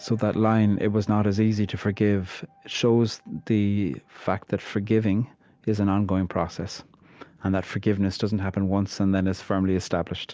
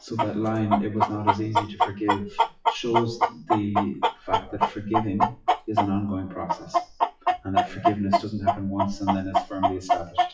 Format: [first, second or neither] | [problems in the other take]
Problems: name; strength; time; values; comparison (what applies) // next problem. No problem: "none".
first | noise reduction (classical method WPE with log-MMSE)